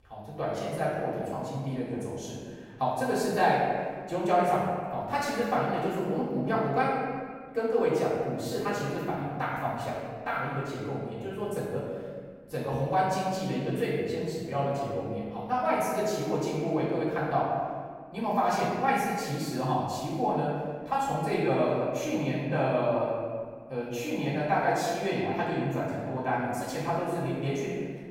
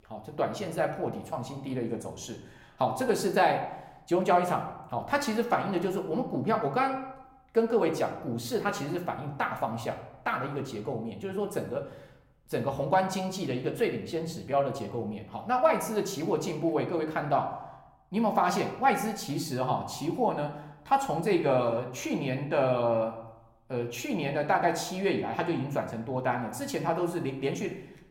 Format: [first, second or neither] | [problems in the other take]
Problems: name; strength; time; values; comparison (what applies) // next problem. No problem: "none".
second | room echo; strong; dies away in 1.5 s; slight in the second // off-mic speech; far